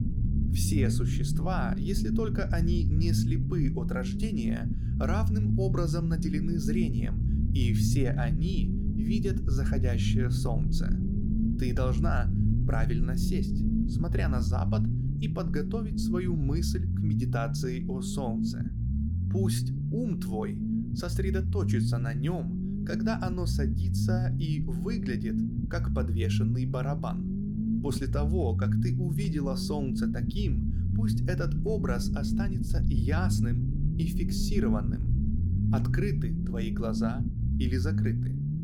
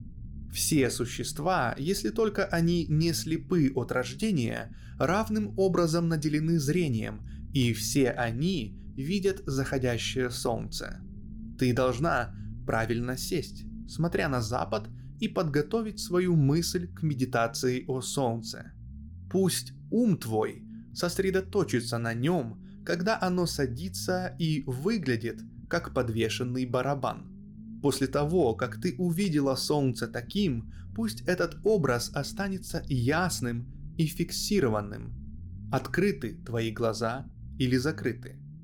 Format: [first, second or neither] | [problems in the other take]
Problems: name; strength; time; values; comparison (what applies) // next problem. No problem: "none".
second | low rumble; loud; throughout; 2 dB below the speech; faint in the second